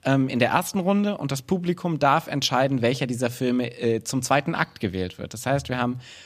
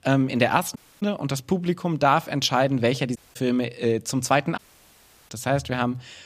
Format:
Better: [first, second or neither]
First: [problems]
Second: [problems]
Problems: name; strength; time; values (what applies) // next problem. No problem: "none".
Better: first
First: none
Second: audio cutting out; at 1 s, at 3 s and at 4.5 s for 0.5 s